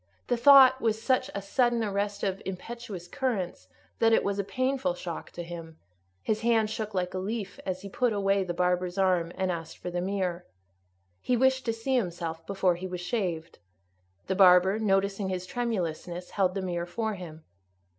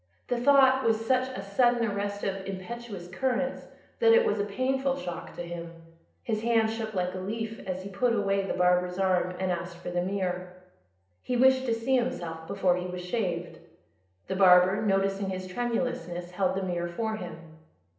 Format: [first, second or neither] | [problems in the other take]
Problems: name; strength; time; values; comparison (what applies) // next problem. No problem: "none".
first | room echo; dies away in 0.8 s